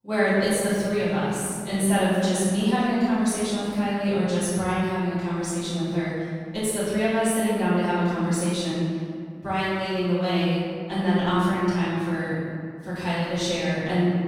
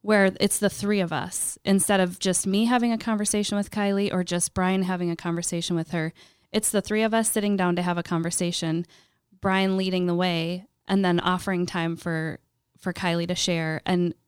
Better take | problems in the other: second | off-mic speech; far // room echo; strong; dies away in 2 s

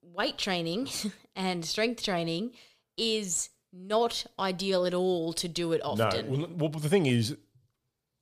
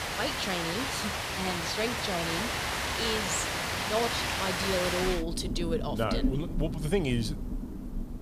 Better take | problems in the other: first | rain or running water; very loud; throughout; 1 dB above the speech

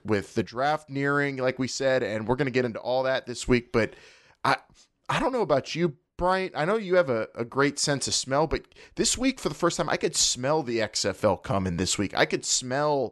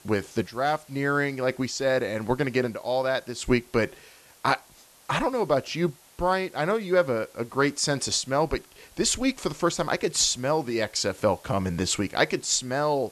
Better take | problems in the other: first | hiss; faint; throughout; 25 dB below the speech

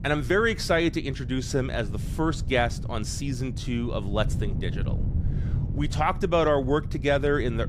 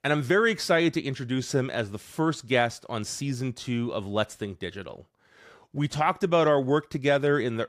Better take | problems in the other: second | wind noise on the microphone; occasional gusts; 20 dB below the speech

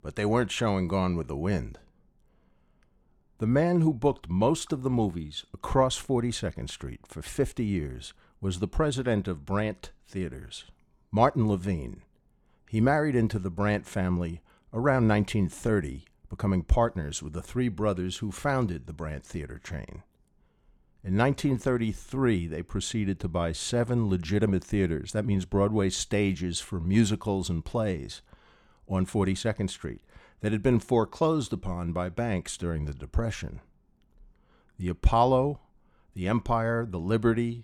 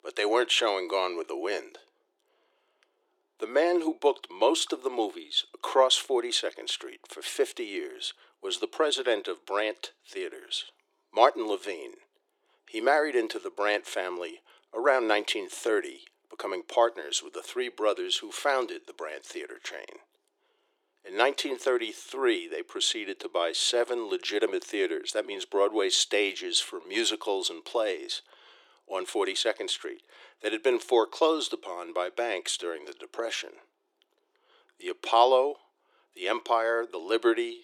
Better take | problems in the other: first | thin; very; fading below 350 Hz

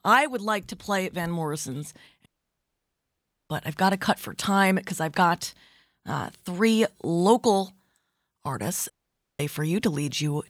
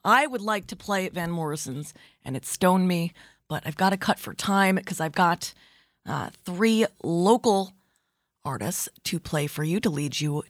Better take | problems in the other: second | audio cutting out; at 2.5 s for 1 s and at 9 s

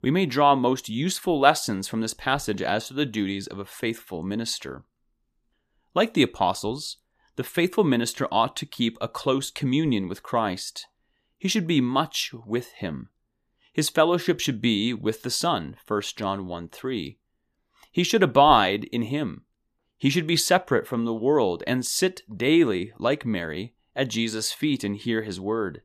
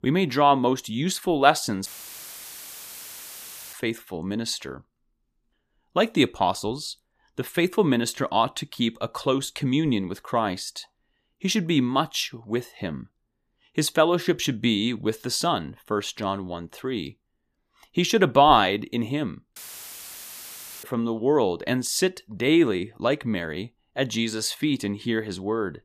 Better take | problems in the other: first | audio cutting out; filled with static; at 2 s for 2 s and at 20 s for 1.5 s

